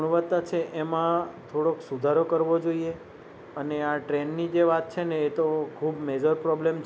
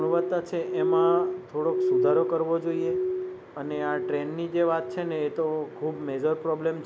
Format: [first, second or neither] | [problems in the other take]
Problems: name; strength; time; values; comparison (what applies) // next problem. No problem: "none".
first | background sound (Glass); 1 dB below the speech